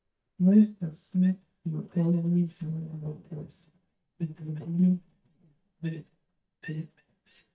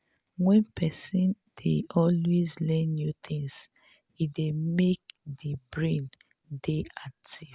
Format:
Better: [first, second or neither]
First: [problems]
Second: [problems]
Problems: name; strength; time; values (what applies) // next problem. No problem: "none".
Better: second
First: noise reduction (neural mask model DeepFilterNet 3)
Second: none